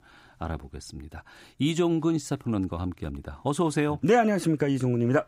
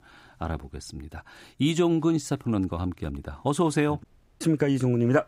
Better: first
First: none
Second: audio cutting out; at 4 s

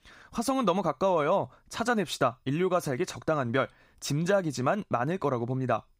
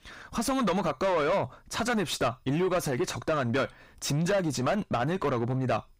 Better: first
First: none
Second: distortion; heavy; 6 dB below the speech

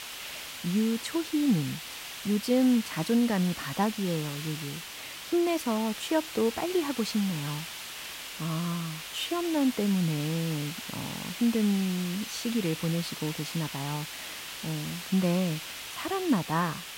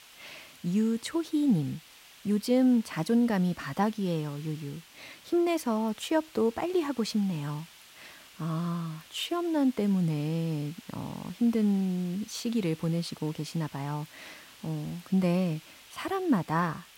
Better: second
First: hiss; loud; throughout; 8 dB below the speech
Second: hiss; faint; throughout; 20 dB below the speech

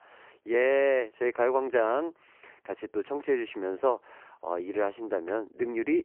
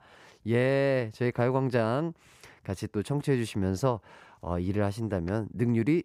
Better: second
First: phone-call audio; poor line; nothing above 3 kHz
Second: none

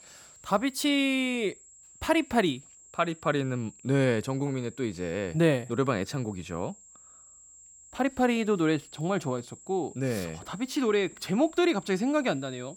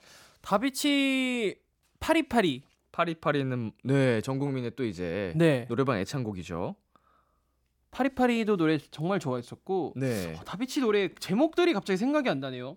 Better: second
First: high-pitched whine; faint; throughout; 7.5 kHz, 20 dB below the speech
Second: none

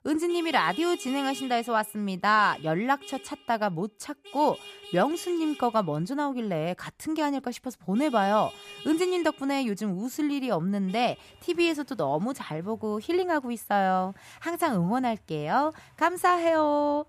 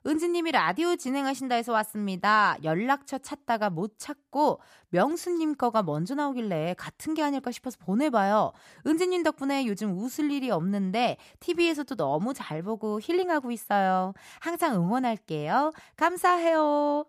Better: second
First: traffic noise; noticeable; throughout; 15 dB below the speech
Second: none

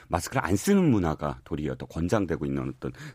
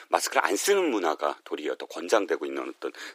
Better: first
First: none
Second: thin; very; fading below 350 Hz

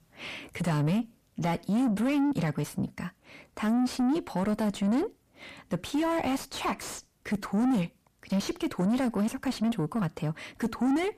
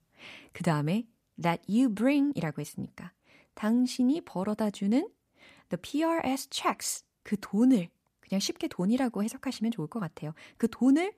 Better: second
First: distortion; heavy; 7 dB below the speech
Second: none

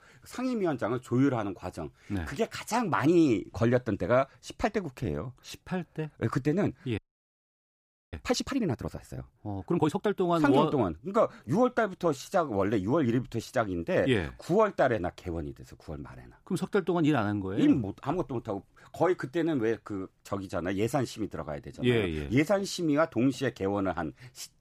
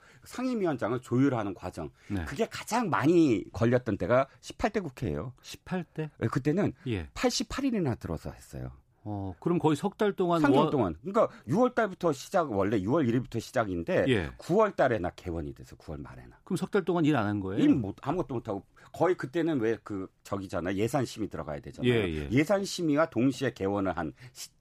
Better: second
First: audio freezing; at 7 s for 1 s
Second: none

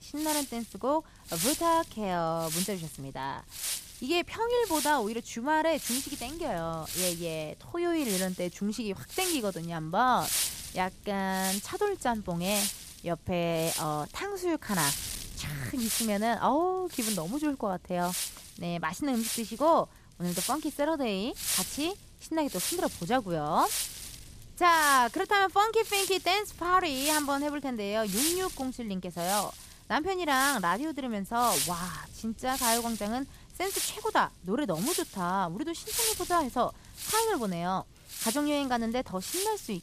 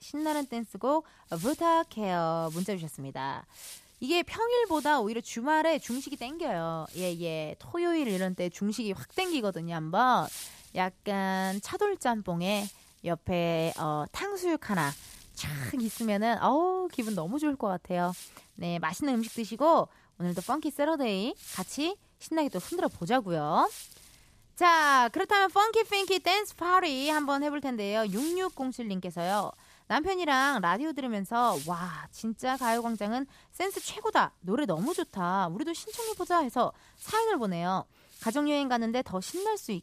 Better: second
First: wind noise on the microphone; heavy; 6 dB below the speech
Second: wind noise on the microphone; occasional gusts; 20 dB below the speech

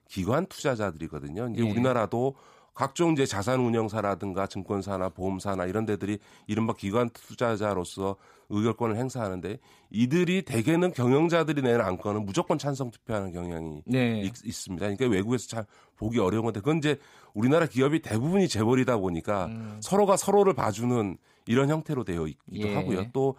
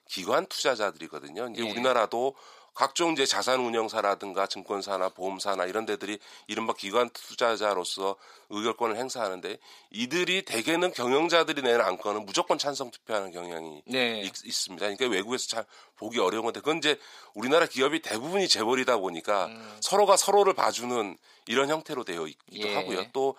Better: first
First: none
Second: thin; somewhat; fading below 500 Hz

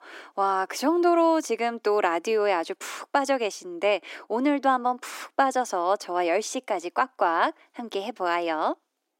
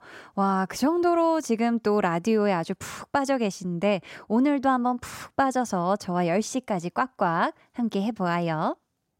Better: second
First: thin; somewhat; fading below 300 Hz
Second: none

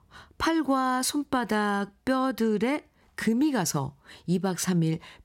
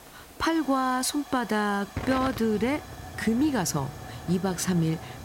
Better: first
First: none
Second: hiss; noticeable; throughout; 15 dB below the speech

